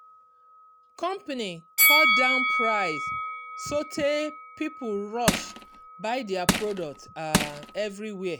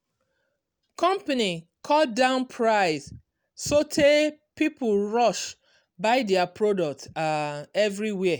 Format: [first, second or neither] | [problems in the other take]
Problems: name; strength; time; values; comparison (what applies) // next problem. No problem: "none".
second | background sound (Bell + Crushing); 3 dB above the speech